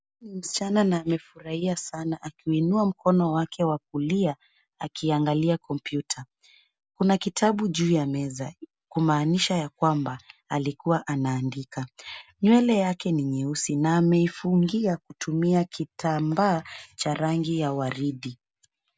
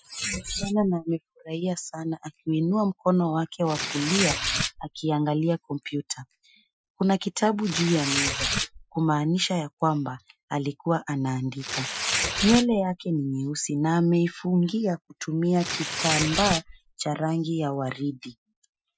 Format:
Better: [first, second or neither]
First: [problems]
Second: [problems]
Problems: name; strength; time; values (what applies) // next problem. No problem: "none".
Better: first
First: none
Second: noise reduction (classical method Wiener filter)